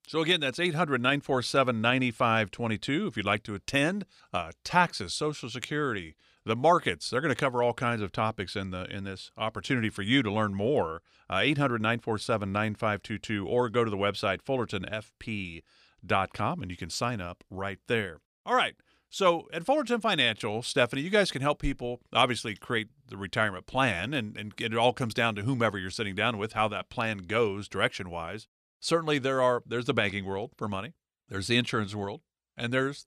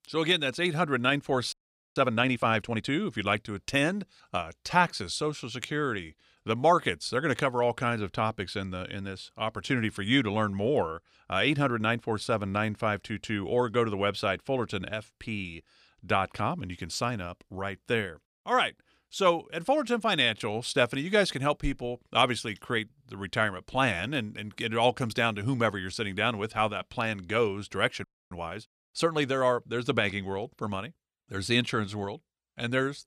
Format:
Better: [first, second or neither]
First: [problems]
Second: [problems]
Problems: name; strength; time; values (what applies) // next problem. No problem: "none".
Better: first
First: none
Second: audio freezing; at 1.5 s and at 28 s